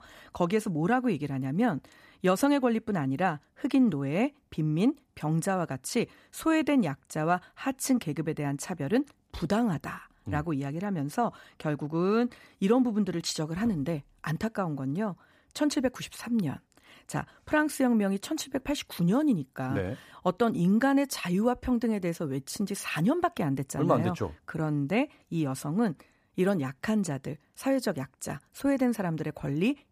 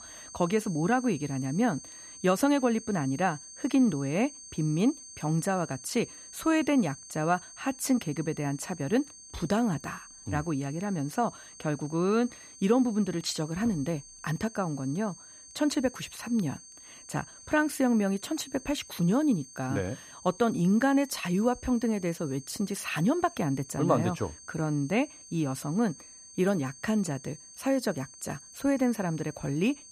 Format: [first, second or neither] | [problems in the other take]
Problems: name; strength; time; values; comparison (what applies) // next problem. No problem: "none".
first | high-pitched whine; noticeable; throughout; 6.5 kHz, 15 dB below the speech